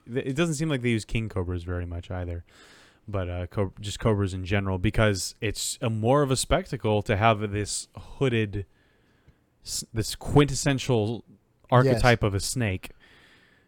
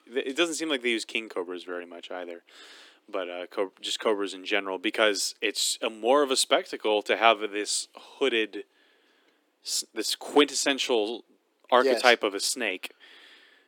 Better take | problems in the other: first | thin; somewhat; fading below 300 Hz

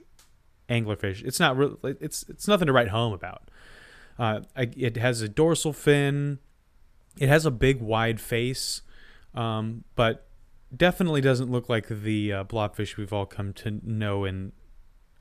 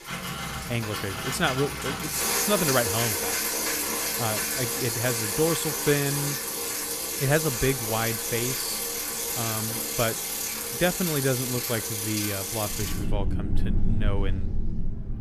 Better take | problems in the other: first | traffic noise; very loud; throughout; 2 dB above the speech

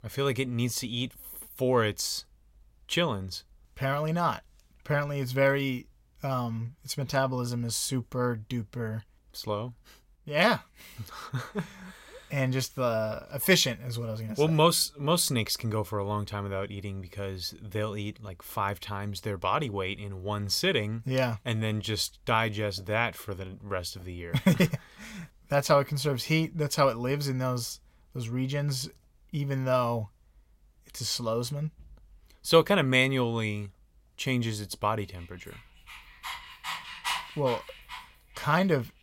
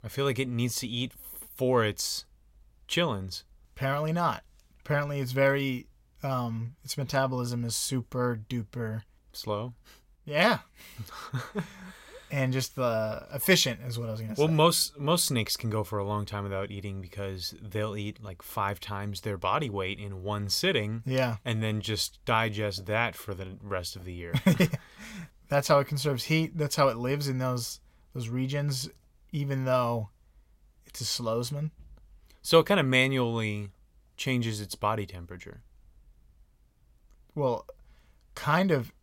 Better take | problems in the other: second | dog barking; noticeable; from 36 to 38 s; peak 3 dB below the speech

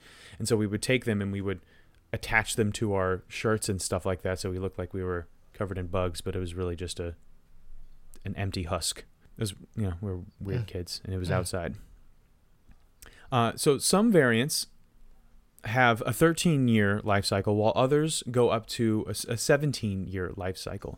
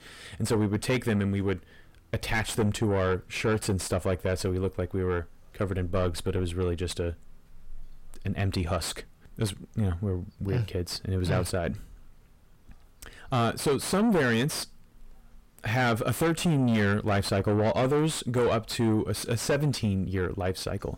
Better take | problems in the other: first | distortion; heavy; 6 dB below the speech

